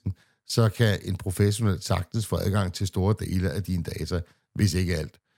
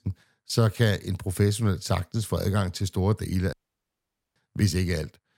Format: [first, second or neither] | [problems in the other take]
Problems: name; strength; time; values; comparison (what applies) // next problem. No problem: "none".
first | audio cutting out; at 3.5 s for 1 s